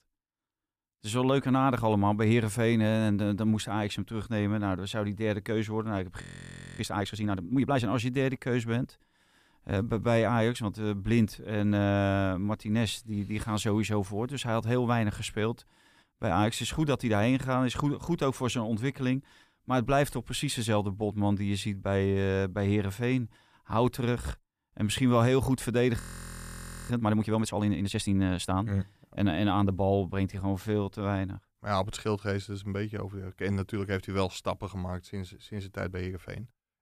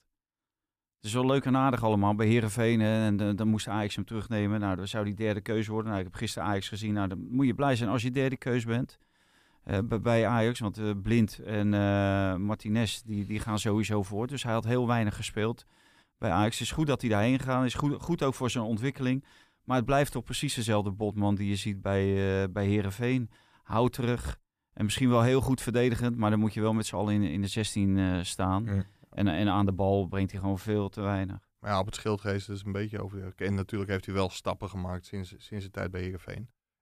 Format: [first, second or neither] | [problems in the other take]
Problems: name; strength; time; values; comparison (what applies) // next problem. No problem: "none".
second | audio freezing; at 6 s for 0.5 s and at 26 s for 1 s